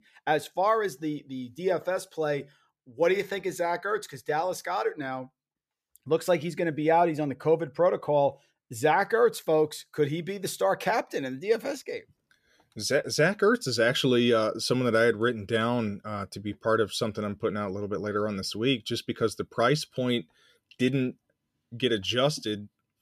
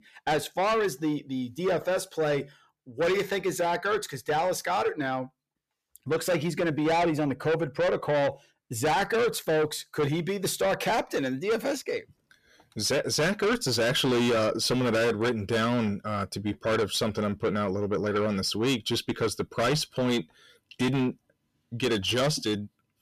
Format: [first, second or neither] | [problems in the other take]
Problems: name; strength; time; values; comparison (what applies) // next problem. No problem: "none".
first | distortion; heavy; 7 dB below the speech